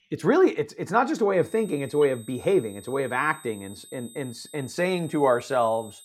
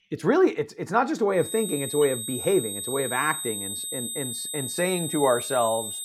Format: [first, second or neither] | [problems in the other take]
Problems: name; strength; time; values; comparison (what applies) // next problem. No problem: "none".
first | high-pitched whine; loud; from 1.5 s on; 8 kHz, 5 dB below the speech; faint in the first